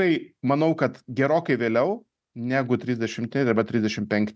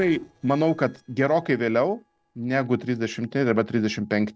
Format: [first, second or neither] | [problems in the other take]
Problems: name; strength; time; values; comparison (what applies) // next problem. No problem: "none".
first | noise reduction (neural separator model SepFormer DNS4)